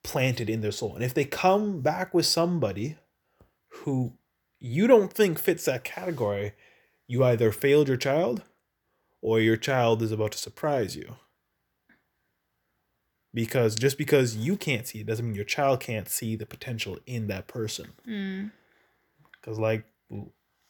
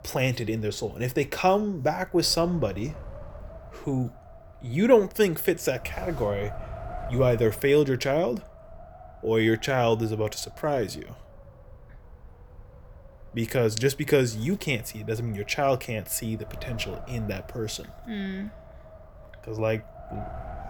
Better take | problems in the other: first | wind noise on the microphone; occasional gusts; 20 dB below the speech

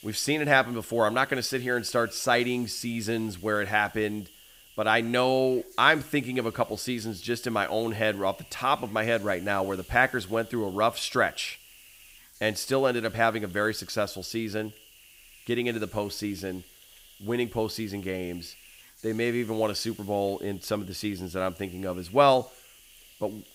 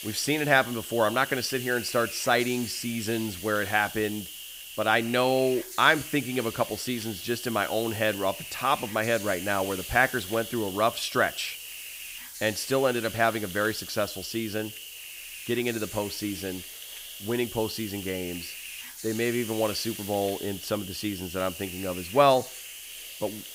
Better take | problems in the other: first | hiss; loud; throughout; 10 dB below the speech; faint in the first

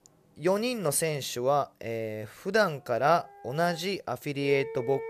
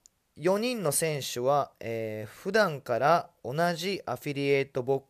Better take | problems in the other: second | background music; noticeable; throughout; 15 dB below the speech

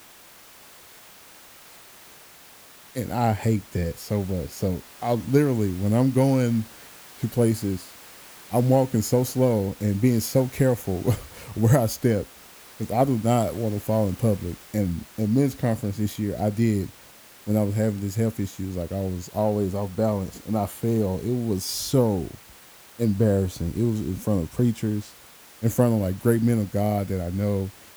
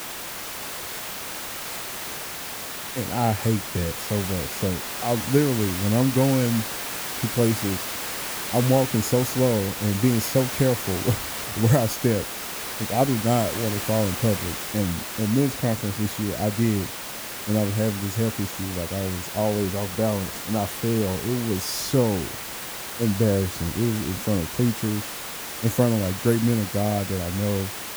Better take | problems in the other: first | hiss; loud; throughout; 5 dB below the speech; faint in the first

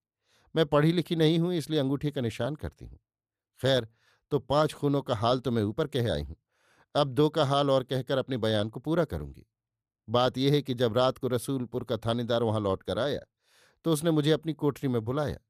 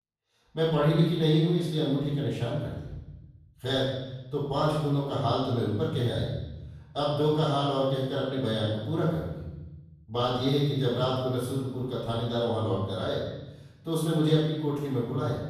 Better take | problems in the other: first | off-mic speech; far // room echo; strong; dies away in 1.1 s

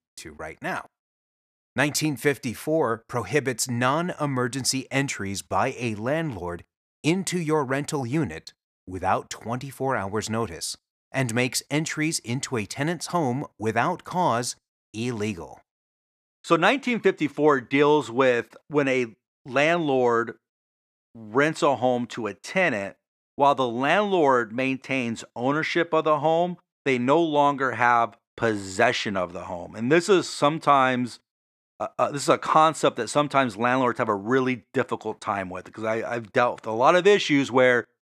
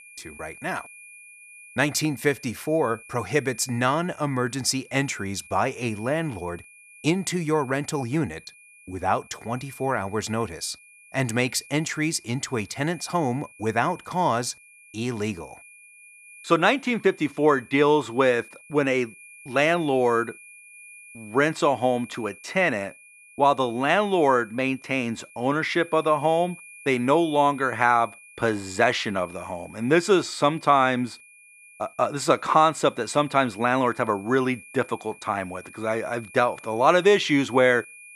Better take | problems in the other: first | high-pitched whine; faint; throughout; 2.5 kHz, 20 dB below the speech

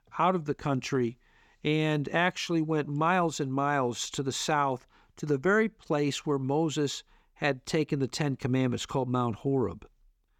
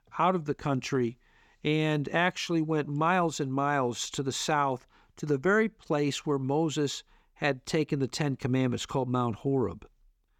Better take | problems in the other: neither | none

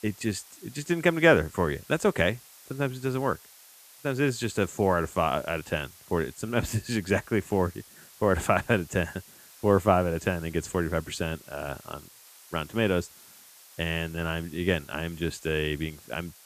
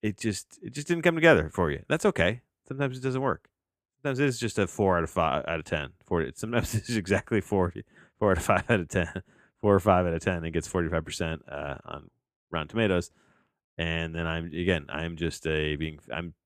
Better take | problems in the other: second | hiss; faint; throughout; 20 dB below the speech

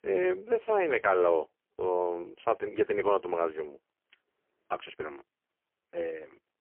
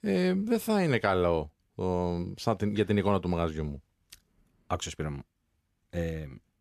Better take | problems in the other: second | phone-call audio; poor line; nothing above 3 kHz

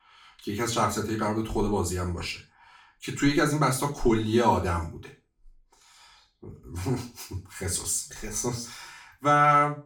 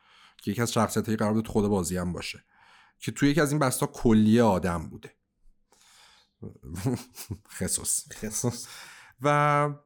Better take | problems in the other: second | room echo; slight; dies away in 0.3 s // off-mic speech; far

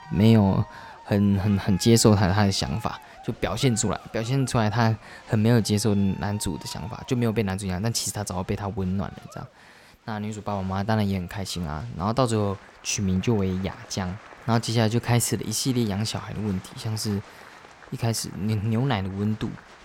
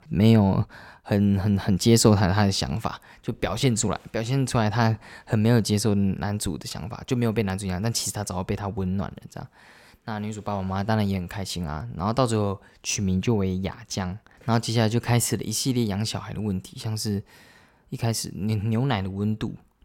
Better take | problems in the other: second | crowd noise; faint; throughout; 20 dB below the speech

